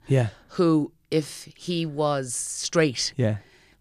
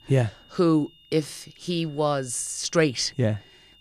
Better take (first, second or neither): first